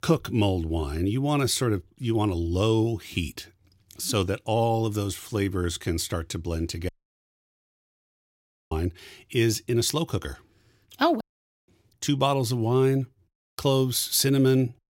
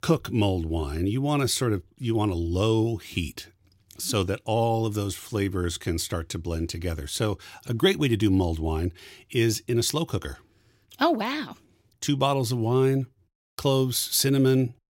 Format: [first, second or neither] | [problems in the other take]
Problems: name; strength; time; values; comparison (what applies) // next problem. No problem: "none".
second | audio cutting out; at 7 s for 2 s and at 11 s